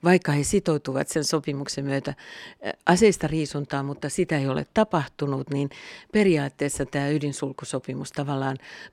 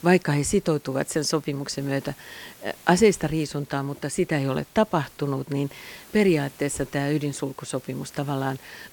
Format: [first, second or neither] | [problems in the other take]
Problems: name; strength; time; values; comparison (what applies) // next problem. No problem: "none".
first | hiss; faint; throughout; 25 dB below the speech